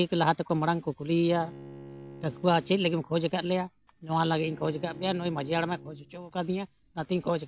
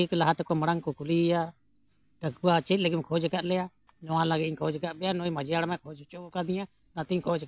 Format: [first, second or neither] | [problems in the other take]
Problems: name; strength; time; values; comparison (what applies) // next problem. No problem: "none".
second | background sound (Bowed string instrument); 19 dB below the speech